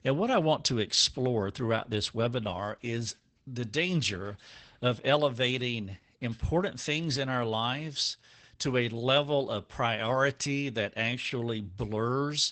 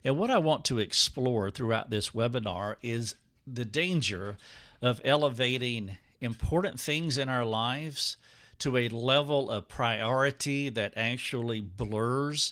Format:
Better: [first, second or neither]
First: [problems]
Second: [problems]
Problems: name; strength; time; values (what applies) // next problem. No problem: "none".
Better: second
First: garbled, watery; badly; nothing above 8 kHz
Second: garbled, watery; slightly; nothing above 15.5 kHz